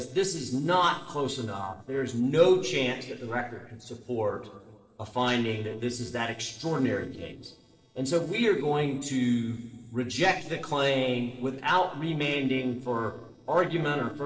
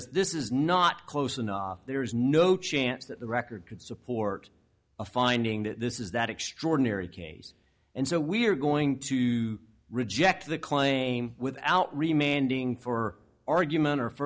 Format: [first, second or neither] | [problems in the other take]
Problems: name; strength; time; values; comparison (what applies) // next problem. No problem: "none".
second | noise reduction (neural separator model SepFormer DNS4)